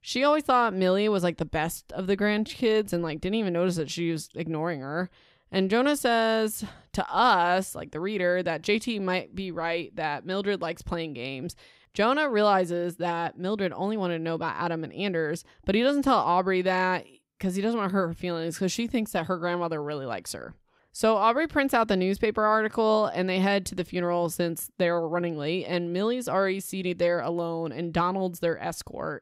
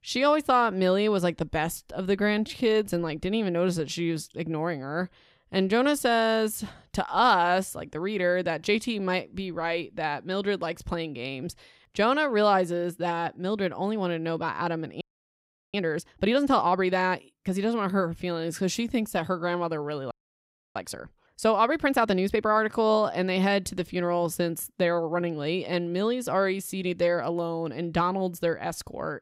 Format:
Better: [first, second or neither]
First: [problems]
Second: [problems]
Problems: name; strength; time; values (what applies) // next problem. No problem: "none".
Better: first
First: none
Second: audio freezing; at 15 s for 0.5 s and at 20 s for 0.5 s